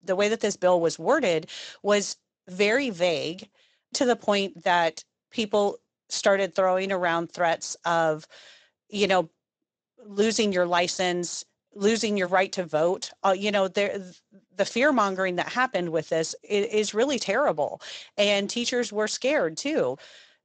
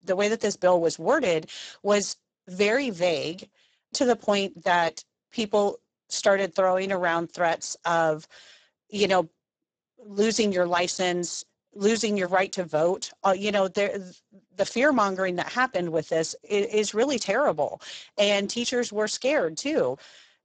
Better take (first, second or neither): first